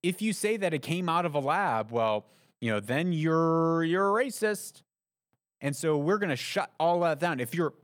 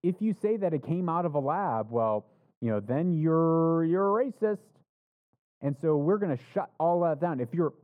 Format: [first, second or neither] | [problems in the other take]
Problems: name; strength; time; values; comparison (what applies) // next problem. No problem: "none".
first | muffled; very; fading above 1.5 kHz